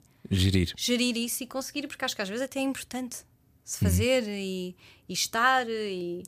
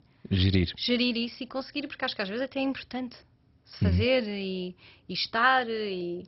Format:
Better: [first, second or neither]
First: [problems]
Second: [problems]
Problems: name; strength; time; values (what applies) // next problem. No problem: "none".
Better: first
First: none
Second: garbled, watery; badly; nothing above 5.5 kHz